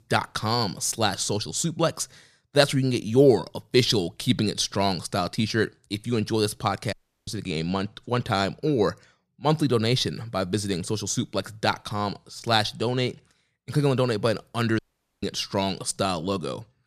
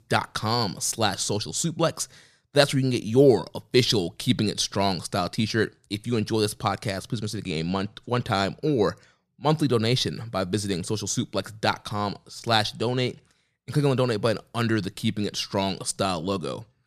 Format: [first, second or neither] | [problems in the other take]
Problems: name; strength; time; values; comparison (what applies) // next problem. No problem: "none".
second | audio cutting out; at 7 s and at 15 s